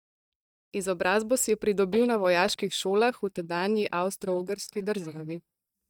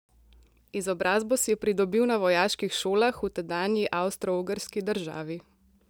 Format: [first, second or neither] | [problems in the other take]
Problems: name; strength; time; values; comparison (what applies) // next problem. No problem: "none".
second | noise reduction (neural mask model DeepFilterNet 3)